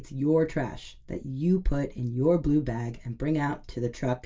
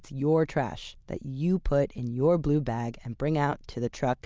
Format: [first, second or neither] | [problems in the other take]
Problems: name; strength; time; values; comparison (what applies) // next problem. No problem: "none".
second | room echo; dies away in 0.2 s